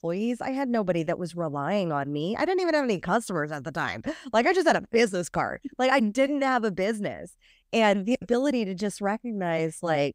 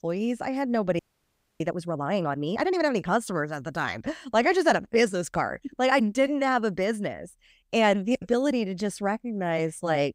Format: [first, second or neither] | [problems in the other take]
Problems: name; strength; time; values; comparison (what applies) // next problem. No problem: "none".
first | audio freezing; at 1 s for 0.5 s